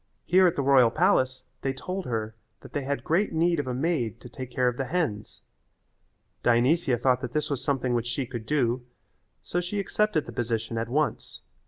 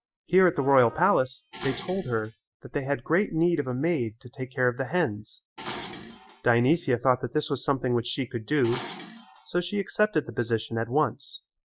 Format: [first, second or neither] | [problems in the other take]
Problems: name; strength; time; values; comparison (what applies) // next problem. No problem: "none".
first | noise reduction (classical method Wiener filter)